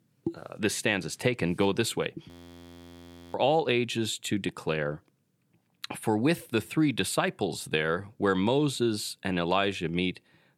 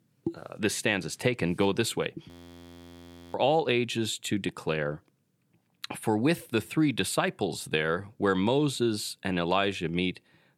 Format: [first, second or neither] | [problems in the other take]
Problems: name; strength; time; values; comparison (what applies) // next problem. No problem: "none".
neither | audio freezing; at 2.5 s for 1 s; the same in both